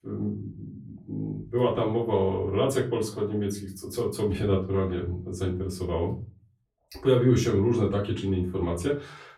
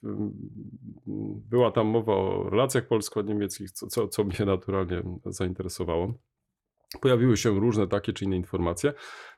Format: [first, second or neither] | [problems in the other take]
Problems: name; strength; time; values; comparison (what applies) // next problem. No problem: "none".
second | off-mic speech; far // room echo; slight; dies away in 0.3 s